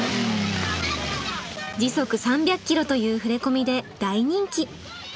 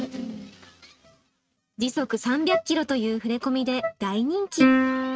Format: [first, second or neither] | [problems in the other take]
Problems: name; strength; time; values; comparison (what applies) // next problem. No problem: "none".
first | noise reduction (neural mask model RNNoise)